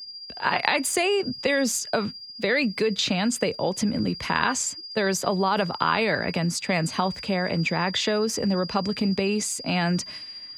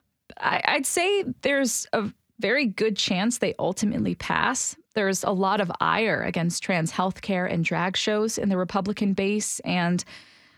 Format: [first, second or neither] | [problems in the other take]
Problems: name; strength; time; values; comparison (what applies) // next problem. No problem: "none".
second | high-pitched whine; noticeable; throughout; 5 kHz, 10 dB below the speech